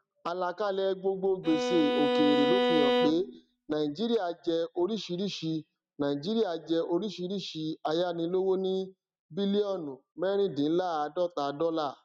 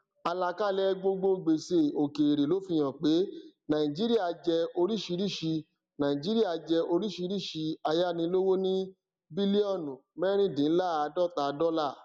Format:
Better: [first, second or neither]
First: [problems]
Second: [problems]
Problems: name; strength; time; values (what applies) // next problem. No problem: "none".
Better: second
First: noise reduction (neural mask model RNNoise)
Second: none